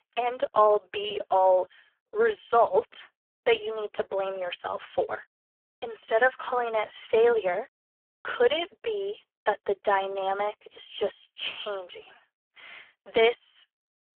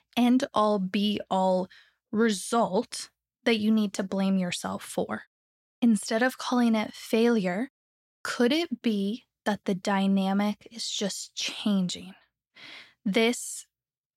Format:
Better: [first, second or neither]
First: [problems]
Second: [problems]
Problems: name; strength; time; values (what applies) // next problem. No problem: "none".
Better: second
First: phone-call audio; poor line; nothing above 3 kHz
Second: none